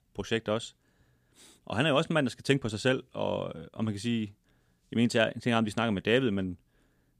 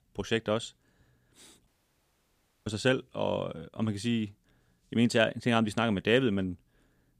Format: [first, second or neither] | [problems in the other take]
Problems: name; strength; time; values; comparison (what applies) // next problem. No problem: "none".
first | audio cutting out; at 1.5 s for 1 s